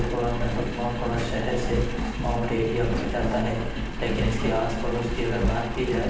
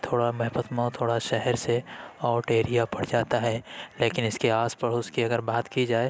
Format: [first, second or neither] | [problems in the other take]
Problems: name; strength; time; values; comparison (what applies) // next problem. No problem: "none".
second | background sound (Engine); as loud as the speech // room echo; dies away in 0.8 s